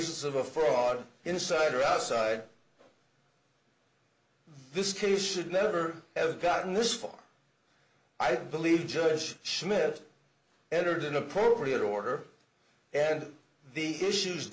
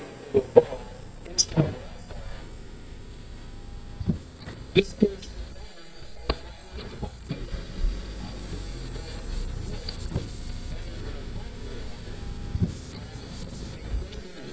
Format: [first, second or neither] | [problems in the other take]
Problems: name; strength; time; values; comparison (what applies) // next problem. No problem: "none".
first | noise reduction (neural mask model DeepFilterNet 3)